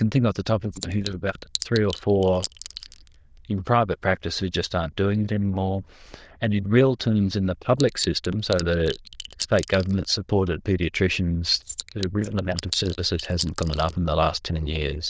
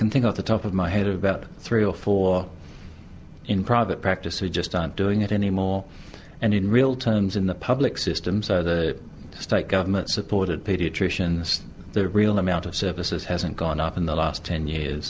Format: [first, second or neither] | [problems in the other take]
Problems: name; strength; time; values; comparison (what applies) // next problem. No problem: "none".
second | noise reduction (neural diffusion model UNIVERSE++)